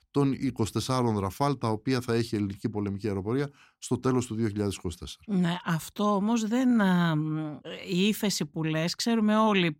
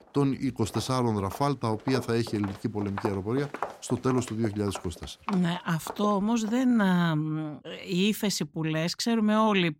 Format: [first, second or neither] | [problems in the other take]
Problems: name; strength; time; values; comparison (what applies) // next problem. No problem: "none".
first | footsteps; noticeable; from 0.5 to 6.5 s; peak 8 dB below the speech